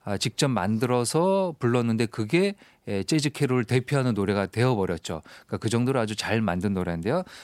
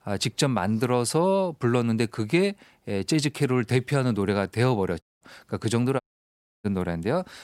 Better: first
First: none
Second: audio cutting out; at 5 s and at 6 s for 0.5 s

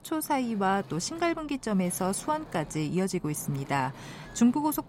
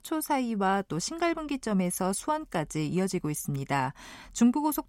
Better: second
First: wind noise on the microphone; occasional gusts; 20 dB below the speech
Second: none

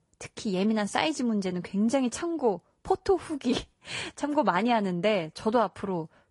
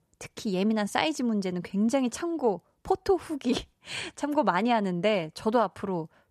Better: second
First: garbled, watery; slightly; nothing above 11 kHz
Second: none

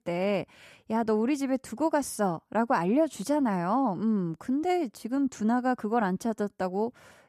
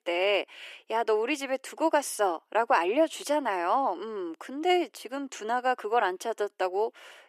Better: first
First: none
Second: thin; very; fading below 350 Hz

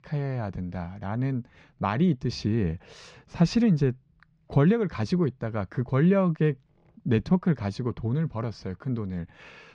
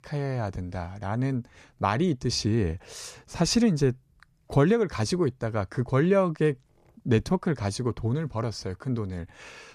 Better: second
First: muffled; very slightly; fading above 3.5 kHz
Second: none

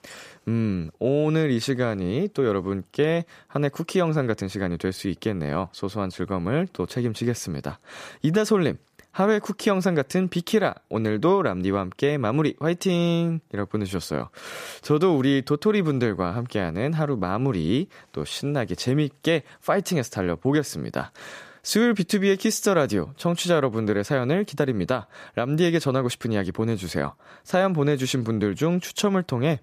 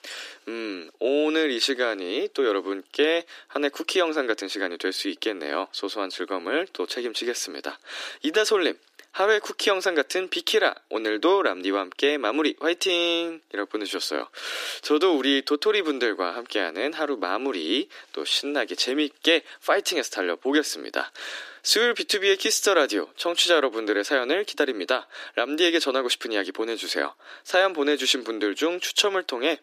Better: first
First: none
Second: thin; somewhat; fading below 300 Hz

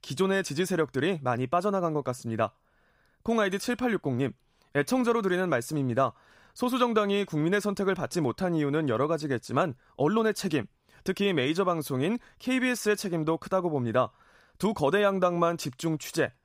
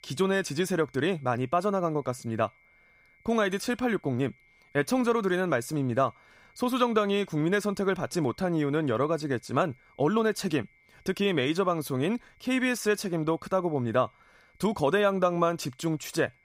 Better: first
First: none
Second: high-pitched whine; faint; throughout; 2 kHz, 35 dB below the speech

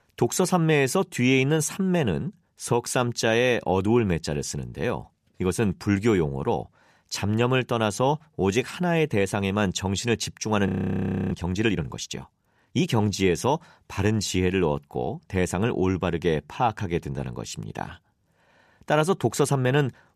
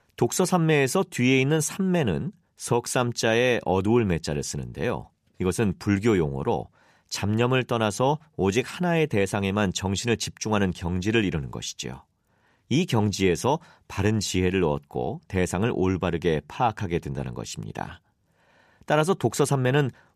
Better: second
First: audio freezing; at 11 s for 0.5 s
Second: none

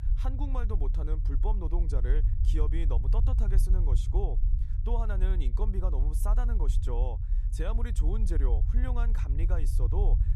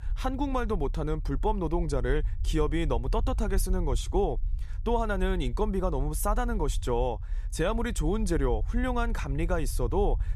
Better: second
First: low rumble; loud; throughout; 8 dB below the speech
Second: low rumble; faint; throughout; 25 dB below the speech

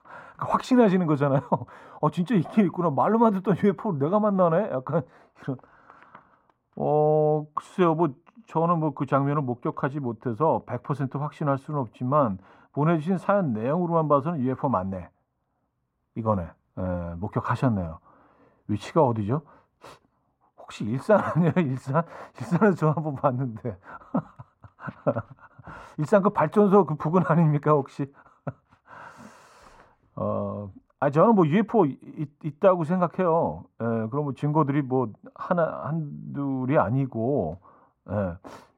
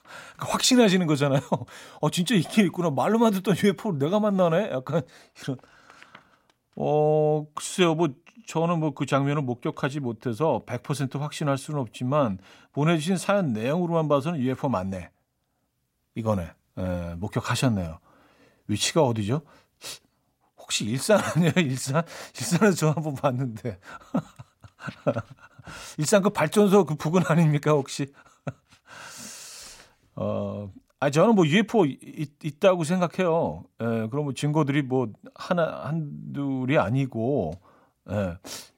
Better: second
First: muffled; very; fading above 2.5 kHz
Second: none

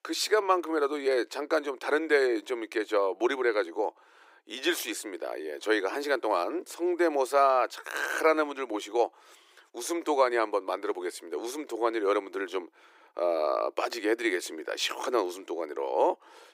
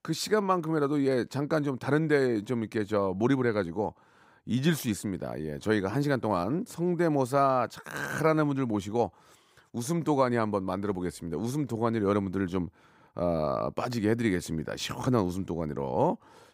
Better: second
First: thin; very; fading below 350 Hz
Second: none

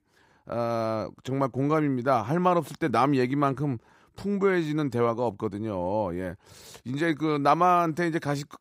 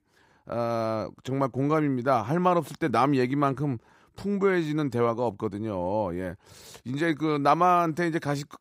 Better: neither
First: none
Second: none

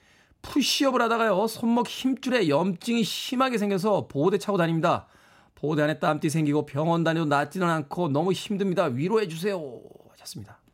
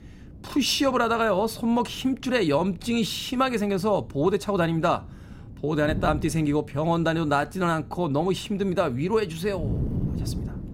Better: first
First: none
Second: wind noise on the microphone; occasional gusts; 20 dB below the speech

